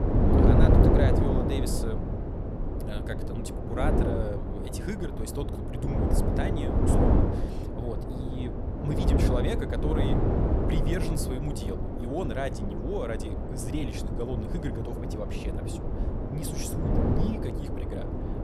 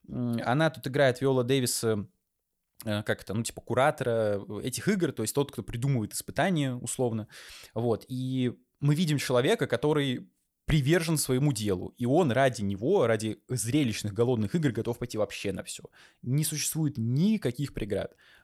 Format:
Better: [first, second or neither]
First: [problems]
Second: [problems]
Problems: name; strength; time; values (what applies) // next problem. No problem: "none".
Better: second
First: wind noise on the microphone; heavy; 3 dB above the speech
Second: none